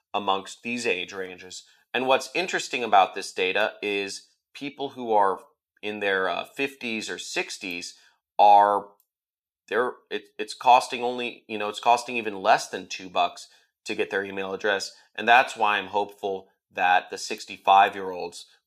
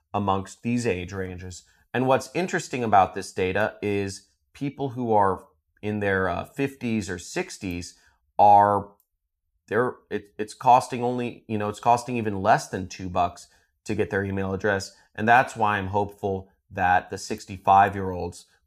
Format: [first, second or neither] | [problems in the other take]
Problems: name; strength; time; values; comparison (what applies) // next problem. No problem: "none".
second | thin; somewhat; fading below 350 Hz